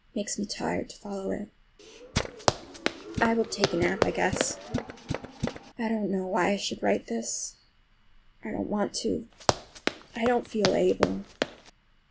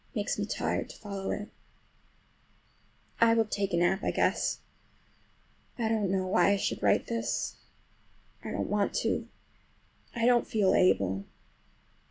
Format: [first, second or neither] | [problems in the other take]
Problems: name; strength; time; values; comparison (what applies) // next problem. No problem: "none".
second | background sound (Tools + Run); 1 dB below the speech